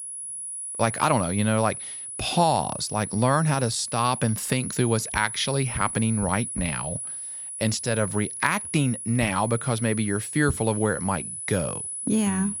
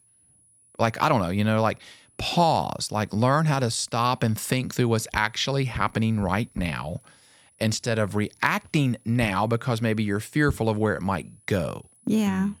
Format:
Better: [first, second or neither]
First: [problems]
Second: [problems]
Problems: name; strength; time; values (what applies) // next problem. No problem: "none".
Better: second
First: high-pitched whine; loud; throughout; 10 kHz, 6 dB below the speech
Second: high-pitched whine; faint; throughout; 10 kHz, 30 dB below the speech